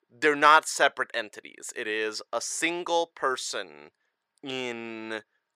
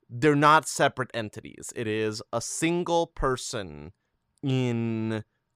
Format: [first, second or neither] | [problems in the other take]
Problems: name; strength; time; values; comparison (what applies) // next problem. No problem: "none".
second | thin; somewhat; fading below 500 Hz